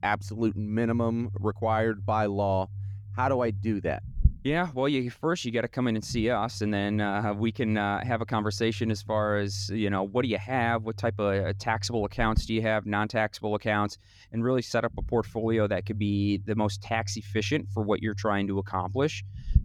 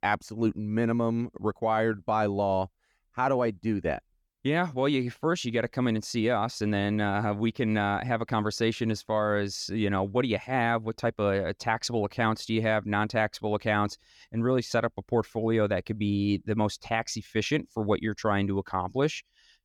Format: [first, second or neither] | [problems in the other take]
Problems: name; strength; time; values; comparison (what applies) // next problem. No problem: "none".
second | low rumble; faint; throughout; 25 dB below the speech